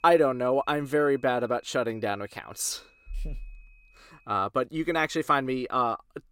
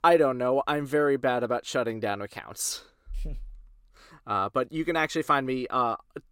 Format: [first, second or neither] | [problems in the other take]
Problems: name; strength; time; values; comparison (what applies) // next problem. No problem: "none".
second | high-pitched whine; faint; until 4.5 s; 2.5 kHz, 30 dB below the speech